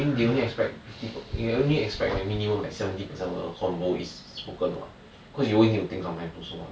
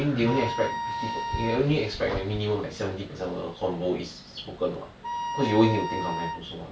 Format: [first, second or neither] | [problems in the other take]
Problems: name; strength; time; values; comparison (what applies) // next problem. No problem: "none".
first | background sound (Wind instrument, woodwind instrument); 5 dB below the speech